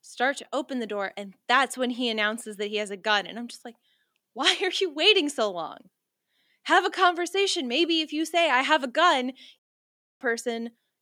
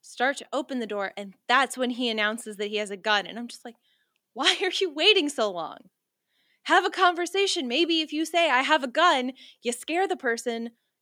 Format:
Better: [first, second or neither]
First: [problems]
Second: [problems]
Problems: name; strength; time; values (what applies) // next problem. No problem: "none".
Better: second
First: audio cutting out; at 9.5 s for 0.5 s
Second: none